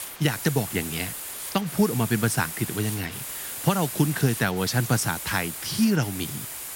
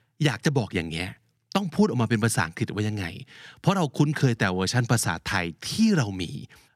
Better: second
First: hiss; loud; throughout; 7 dB below the speech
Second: none

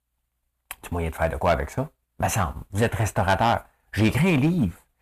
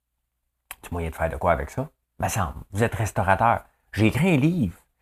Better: second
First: distortion; slight; 3% of the sound clipped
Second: none

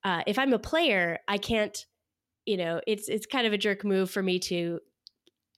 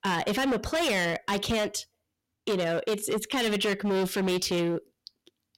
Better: first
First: none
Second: distortion; heavy; 21% of the sound clipped

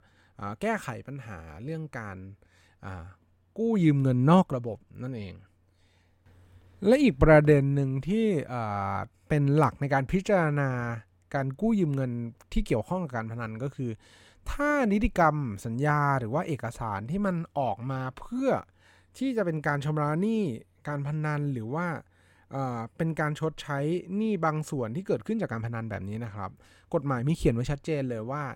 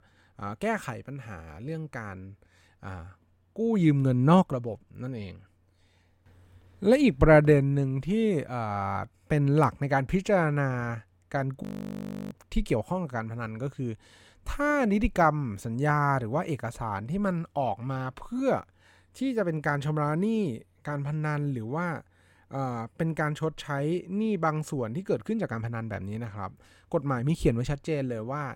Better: first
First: none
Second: audio freezing; at 12 s for 0.5 s

